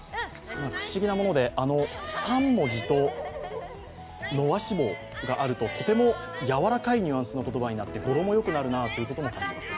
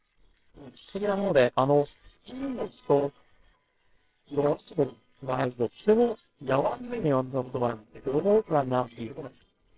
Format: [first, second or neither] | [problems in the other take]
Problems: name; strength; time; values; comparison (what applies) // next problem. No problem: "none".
first | noise reduction (neural separator model SepFormer WHAMR!)